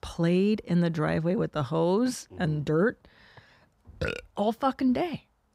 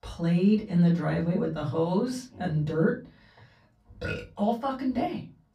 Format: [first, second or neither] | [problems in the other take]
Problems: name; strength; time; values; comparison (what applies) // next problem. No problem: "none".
first | off-mic speech; far // room echo; very slight; dies away in 0.3 s